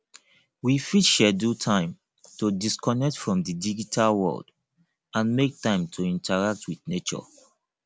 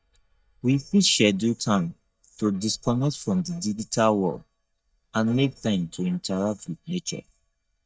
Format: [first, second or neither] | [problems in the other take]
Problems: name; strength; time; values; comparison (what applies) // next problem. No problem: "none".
first | noise reduction (neural mask model DeepFilterNet 3)